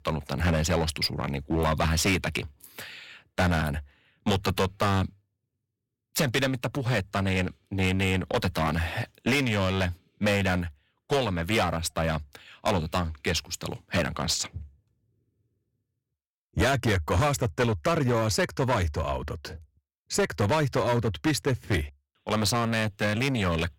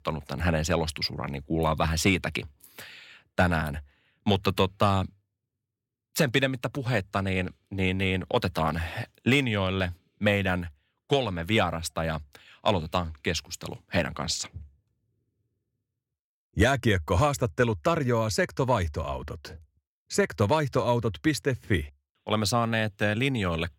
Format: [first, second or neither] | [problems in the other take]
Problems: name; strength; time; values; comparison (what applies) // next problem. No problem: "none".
second | distortion; heavy; 9% of the sound clipped